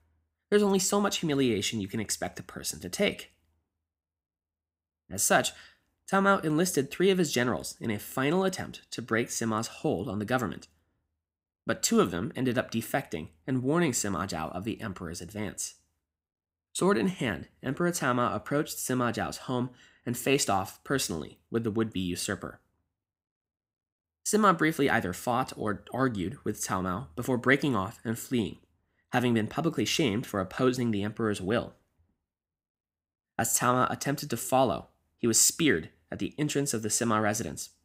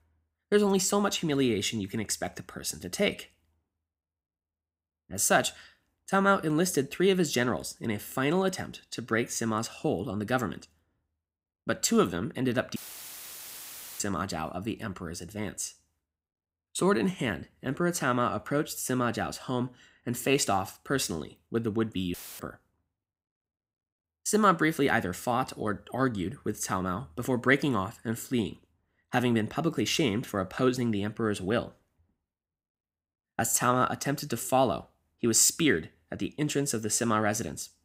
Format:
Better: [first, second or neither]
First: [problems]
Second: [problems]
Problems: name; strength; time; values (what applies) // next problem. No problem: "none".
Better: first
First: none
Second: audio cutting out; filled with static; at 13 s for 1 s and at 22 s